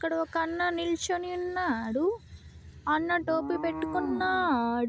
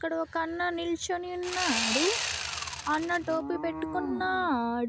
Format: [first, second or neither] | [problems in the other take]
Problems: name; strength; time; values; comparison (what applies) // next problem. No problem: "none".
first | background sound (Sawing); 2 dB below the speech